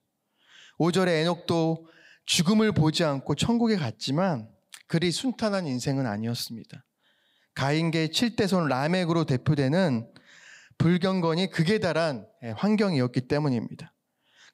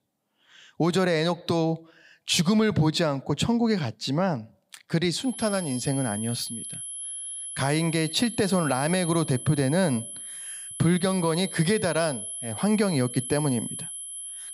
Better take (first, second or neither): first